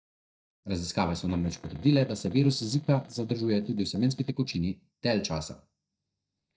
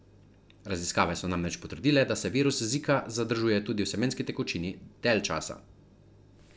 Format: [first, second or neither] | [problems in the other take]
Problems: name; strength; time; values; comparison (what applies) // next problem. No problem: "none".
second | noise reduction (neural mask model DeepFilterNet 3)